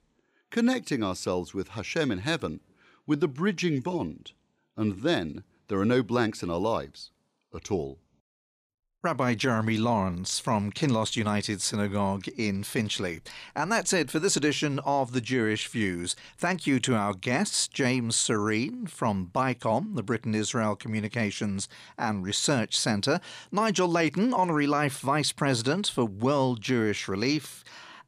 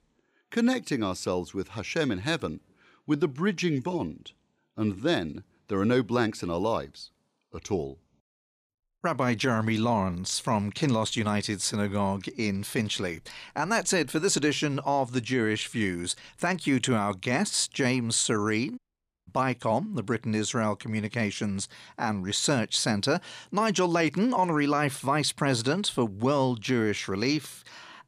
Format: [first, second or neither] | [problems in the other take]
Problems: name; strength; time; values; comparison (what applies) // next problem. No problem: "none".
first | audio cutting out; at 19 s